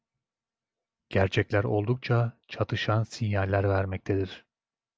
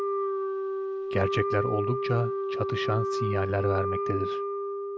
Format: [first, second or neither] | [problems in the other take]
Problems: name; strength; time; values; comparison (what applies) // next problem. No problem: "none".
first | background sound (Wind instrument, woodwind instrument); 1 dB above the speech